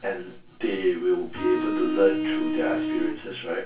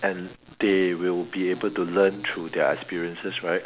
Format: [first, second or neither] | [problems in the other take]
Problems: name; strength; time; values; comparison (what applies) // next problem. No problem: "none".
second | background sound (Bowed string instrument); 1 dB below the speech // room echo; dies away in 0.2 s